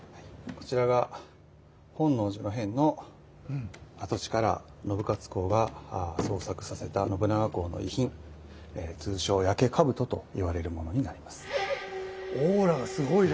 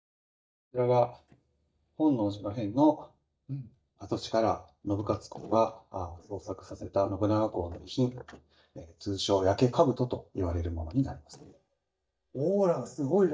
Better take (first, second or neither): first